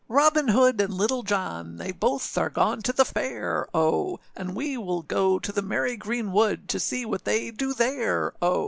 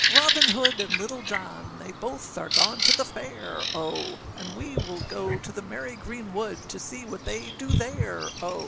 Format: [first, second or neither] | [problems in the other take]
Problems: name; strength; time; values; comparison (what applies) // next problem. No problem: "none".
first | background sound (Bird vocalization, bird call, bird song); 4 dB above the speech